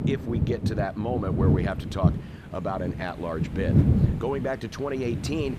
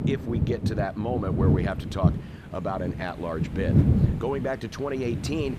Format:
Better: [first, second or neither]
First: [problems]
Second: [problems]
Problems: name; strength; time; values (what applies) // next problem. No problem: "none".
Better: neither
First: wind noise on the microphone; heavy; 4 dB below the speech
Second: wind noise on the microphone; heavy; 4 dB below the speech